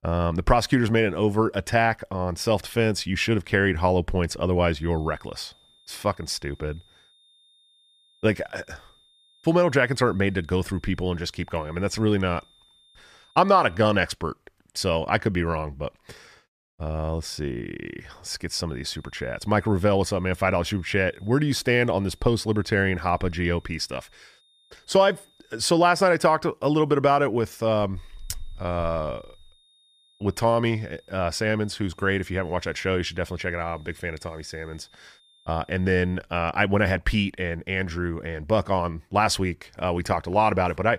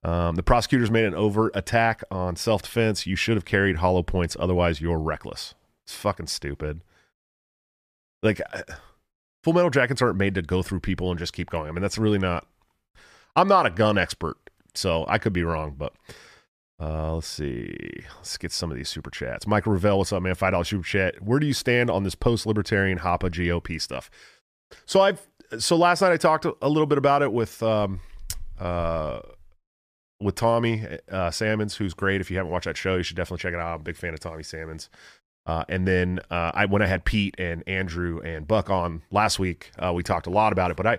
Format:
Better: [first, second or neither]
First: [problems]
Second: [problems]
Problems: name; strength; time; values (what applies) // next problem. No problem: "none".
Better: second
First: high-pitched whine; faint; from 4.5 to 14 s, from 19 to 26 s and from 28 to 36 s; 3.5 kHz, 35 dB below the speech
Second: none